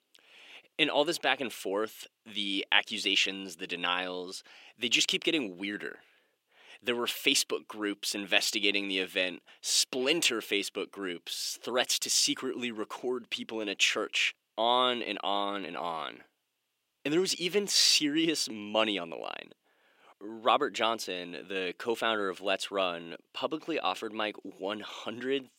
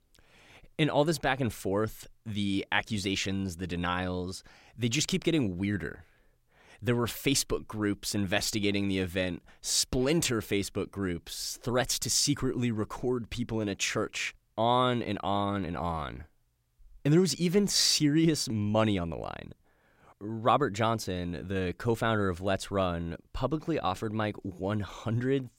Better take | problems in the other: second | thin; somewhat; fading below 300 Hz

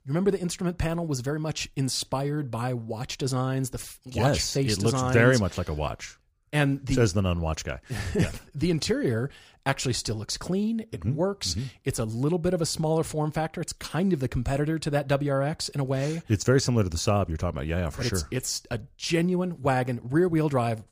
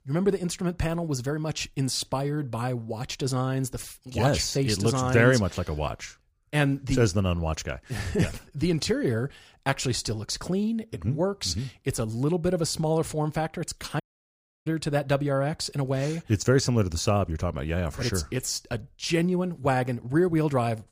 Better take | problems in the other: first | audio cutting out; at 14 s for 0.5 s

